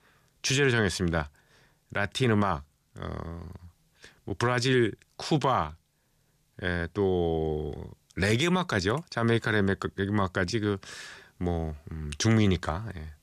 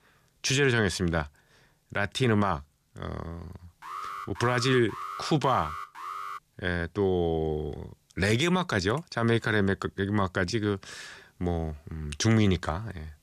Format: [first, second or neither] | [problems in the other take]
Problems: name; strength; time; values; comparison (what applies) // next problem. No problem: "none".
first | alarm; noticeable; from 4 to 6.5 s; peak 9 dB below the speech